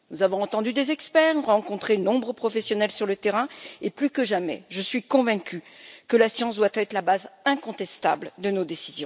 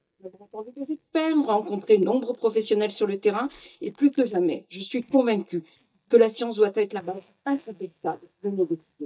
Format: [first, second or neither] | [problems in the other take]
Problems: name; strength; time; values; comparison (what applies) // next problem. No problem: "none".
first | noise reduction (neural mask model DeepFilterNet 3)